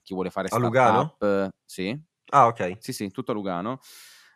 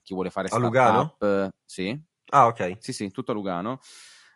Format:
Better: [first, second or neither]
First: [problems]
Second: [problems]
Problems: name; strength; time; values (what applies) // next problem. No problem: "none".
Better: first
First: none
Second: garbled, watery; slightly; nothing above 11 kHz